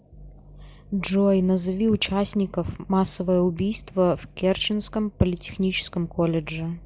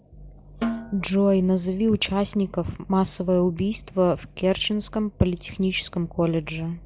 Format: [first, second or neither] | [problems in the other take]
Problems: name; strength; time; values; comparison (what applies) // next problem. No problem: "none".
first | background sound (Snare drum); 10 dB below the speech